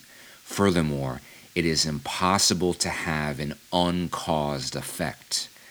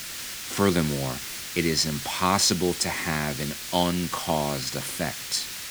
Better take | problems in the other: first | hiss; loud; throughout; 7 dB below the speech; faint in the first

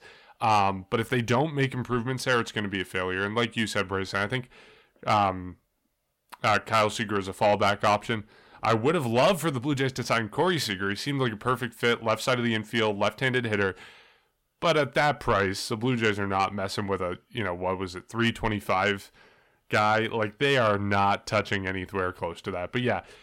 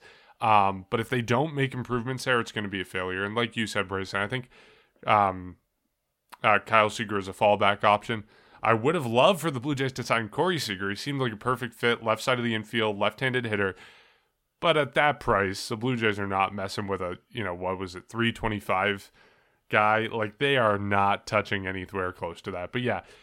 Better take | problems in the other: second | distortion; slight; 10 dB below the speech

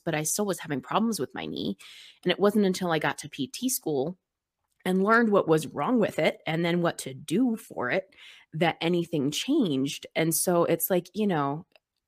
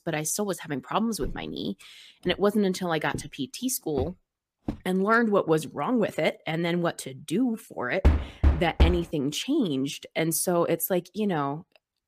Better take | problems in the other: first | footsteps; faint; from 1 to 5 s; peak 10 dB below the speech // door banging; loud; at 8 s; peak 2 dB above the speech

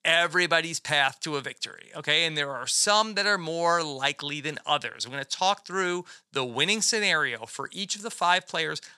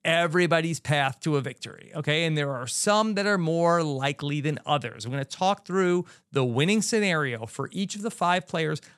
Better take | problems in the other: second | thin; somewhat; fading below 500 Hz

